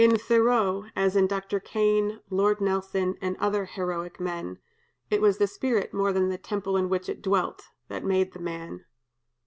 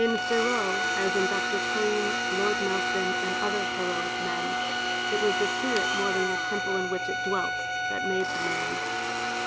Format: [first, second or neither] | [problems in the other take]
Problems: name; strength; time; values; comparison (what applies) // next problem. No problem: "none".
first | background sound (Domestic sounds, home sounds + Bowed string instrument); 3 dB above the speech